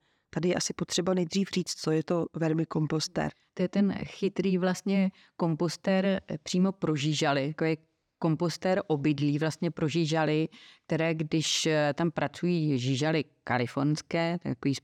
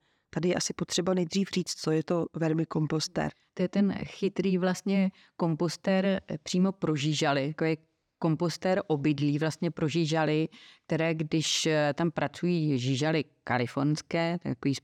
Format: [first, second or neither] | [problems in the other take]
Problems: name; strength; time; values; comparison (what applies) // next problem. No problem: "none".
neither | none